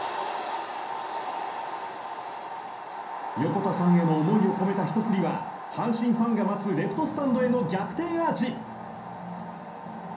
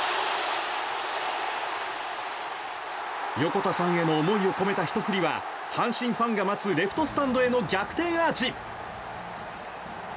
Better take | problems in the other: second | room echo; dies away in 0.6 s

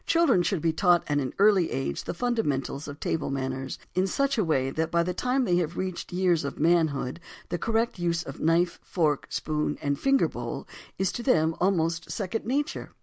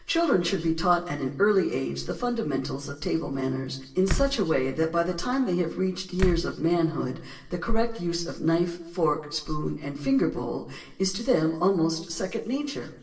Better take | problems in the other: first | background sound (Slam); 5 dB below the speech // room echo; dies away in 0.9 s

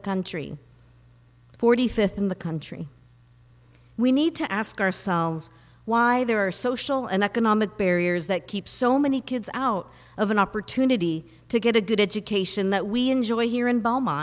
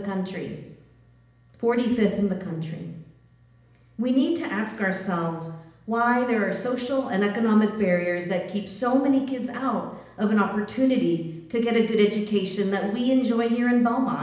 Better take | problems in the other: first | room echo; dies away in 0.8 s

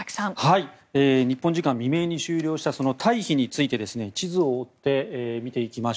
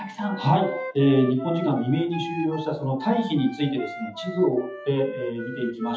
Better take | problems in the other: first | noise reduction (classical method WPE with log-MMSE)

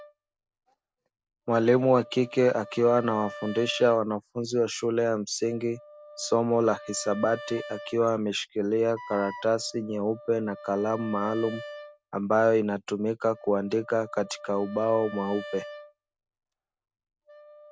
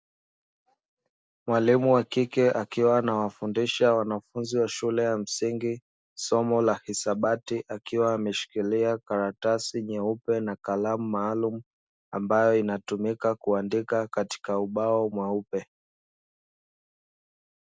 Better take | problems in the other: second | background sound (Wind instrument, woodwind instrument + Wind instrument, woodwind instrument); 17 dB below the speech

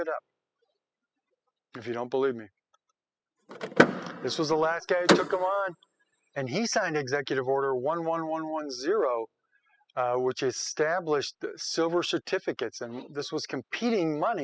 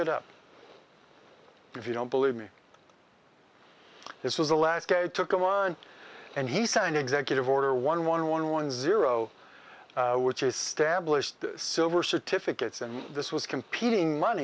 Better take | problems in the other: second | noise reduction (classical method spectral subtraction)

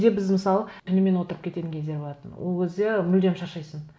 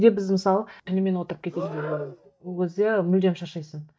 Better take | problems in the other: first | noise reduction (neural mask model DeepFilterNet 3)

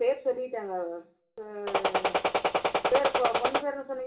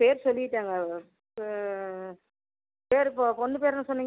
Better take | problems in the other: second | background sound (Gunshot, gunfire); 5 dB above the speech // room echo; dies away in 0.3 s

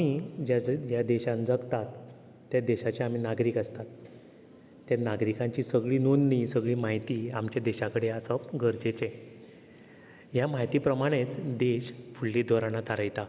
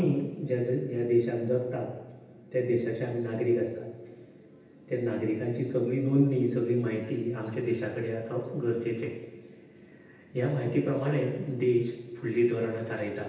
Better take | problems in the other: first | room echo; dies away in 0.9 s

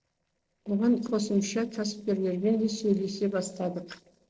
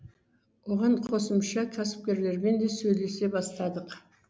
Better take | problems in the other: second | noise reduction (neural separator model SepFormer DNS4)

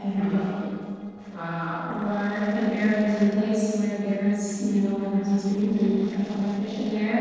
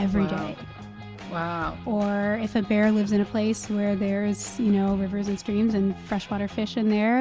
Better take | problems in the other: second | noise reduction (neural separator model SepFormer DNS4)

